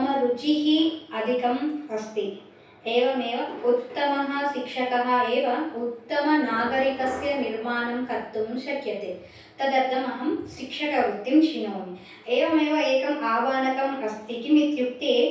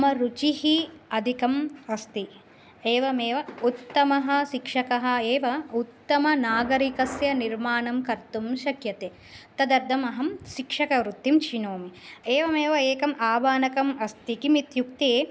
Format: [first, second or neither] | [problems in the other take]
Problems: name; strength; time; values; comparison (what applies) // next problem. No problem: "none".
second | room echo; dies away in 0.6 s